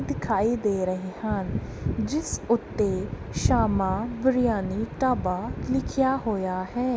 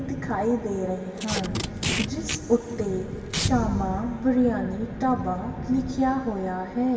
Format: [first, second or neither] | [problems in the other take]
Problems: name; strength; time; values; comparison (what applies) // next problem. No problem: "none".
first | background sound (Packing tape, duct tape); 9 dB below the speech // room echo; dies away in 1.9 s